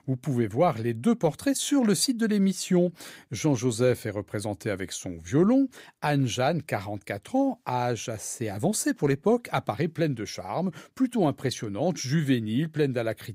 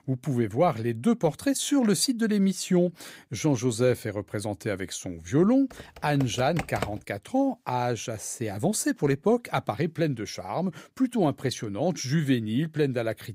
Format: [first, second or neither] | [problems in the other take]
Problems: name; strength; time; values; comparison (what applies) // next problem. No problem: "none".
first | keyboard typing; noticeable; from 5.5 to 7 s; peak 7 dB below the speech